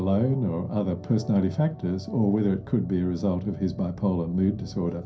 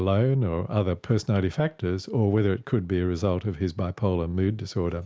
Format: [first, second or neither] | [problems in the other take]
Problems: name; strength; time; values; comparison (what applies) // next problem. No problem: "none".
second | background sound (Organ); 17 dB below the speech // room echo; dies away in 0.3 s